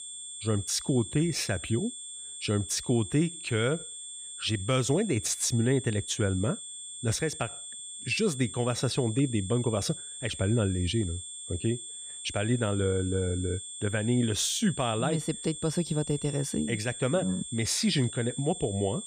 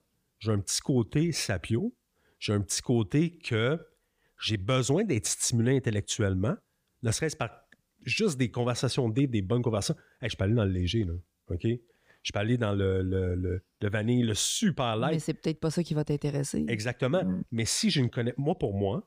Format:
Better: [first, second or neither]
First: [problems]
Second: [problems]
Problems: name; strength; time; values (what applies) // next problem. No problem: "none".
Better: second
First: high-pitched whine; loud; throughout; 8.5 kHz, 9 dB below the speech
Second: none